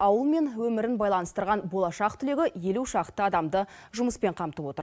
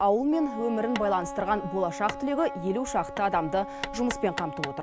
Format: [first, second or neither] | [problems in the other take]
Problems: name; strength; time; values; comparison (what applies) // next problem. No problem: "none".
first | background sound (Wind instrument, woodwind instrument + Hammer); 9 dB below the speech